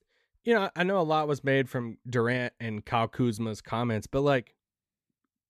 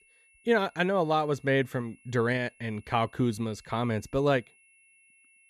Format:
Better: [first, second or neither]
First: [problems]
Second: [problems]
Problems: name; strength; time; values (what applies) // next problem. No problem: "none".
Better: first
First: none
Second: high-pitched whine; faint; throughout; 2.5 kHz, 30 dB below the speech